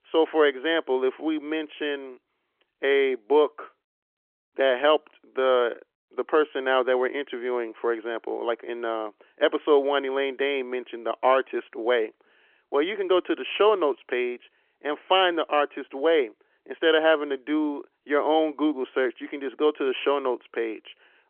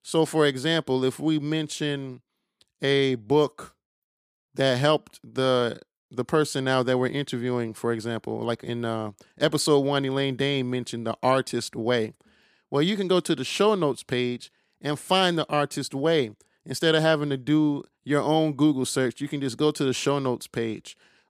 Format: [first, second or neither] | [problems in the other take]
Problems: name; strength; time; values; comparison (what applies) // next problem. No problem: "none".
second | phone-call audio; nothing above 3.5 kHz